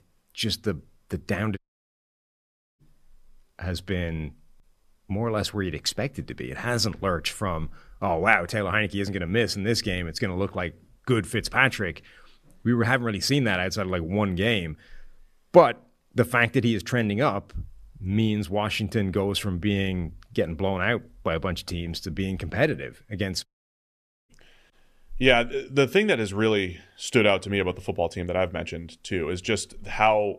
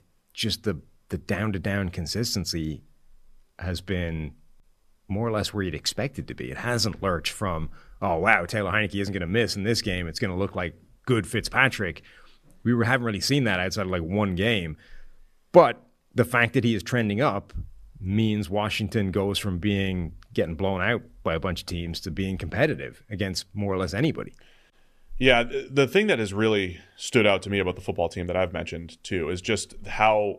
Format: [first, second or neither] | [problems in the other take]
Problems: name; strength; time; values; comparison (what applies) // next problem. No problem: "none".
second | audio cutting out; at 1.5 s for 1 s and at 23 s for 1 s